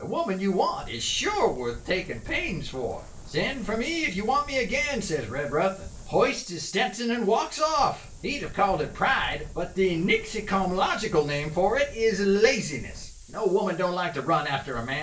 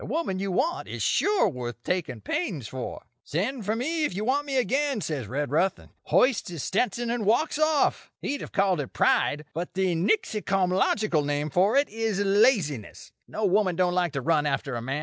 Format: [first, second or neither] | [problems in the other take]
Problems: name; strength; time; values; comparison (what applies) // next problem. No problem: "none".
second | background sound (Wind); 16 dB below the speech // room echo; dies away in 0.3 s